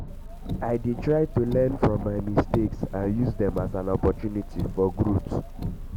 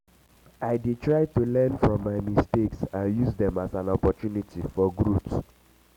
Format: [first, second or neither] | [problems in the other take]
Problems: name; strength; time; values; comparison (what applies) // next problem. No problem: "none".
second | background sound (Car); 8 dB below the speech